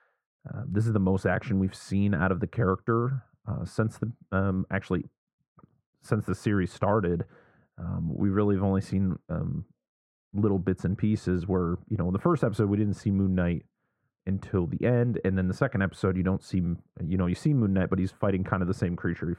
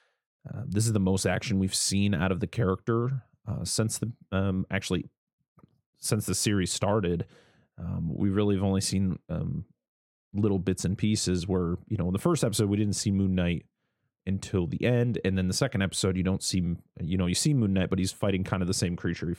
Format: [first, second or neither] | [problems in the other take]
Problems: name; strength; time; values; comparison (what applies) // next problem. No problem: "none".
second | muffled; very; fading above 2.5 kHz